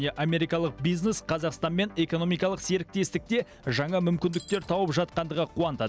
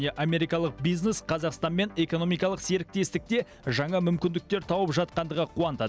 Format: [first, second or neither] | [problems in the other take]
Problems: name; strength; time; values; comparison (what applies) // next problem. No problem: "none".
second | background sound (Shatter); 18 dB below the speech